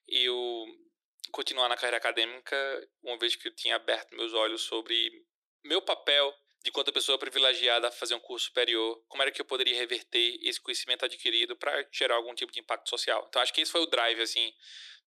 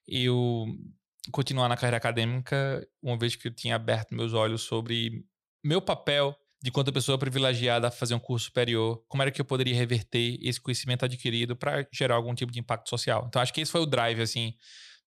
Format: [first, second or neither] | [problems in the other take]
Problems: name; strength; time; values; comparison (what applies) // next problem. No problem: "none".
second | thin; very; fading below 300 Hz